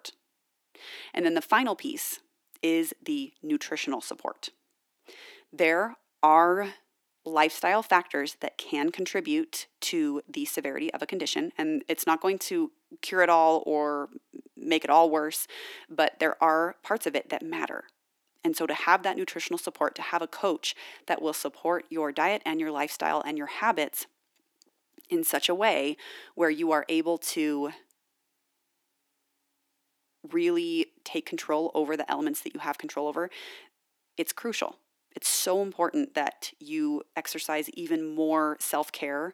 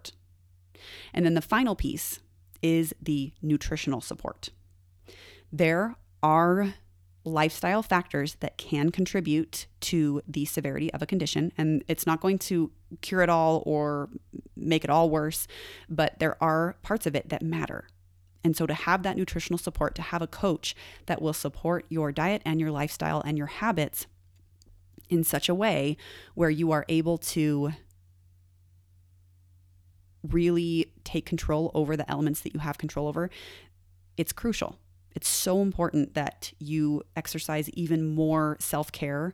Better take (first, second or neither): second